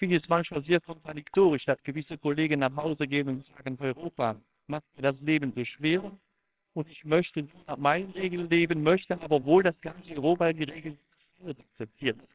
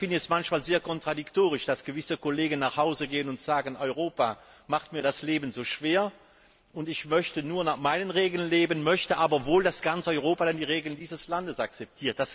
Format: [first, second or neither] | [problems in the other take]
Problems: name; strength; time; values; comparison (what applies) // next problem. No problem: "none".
second | noise reduction (neural separator model SepFormer WHAMR!)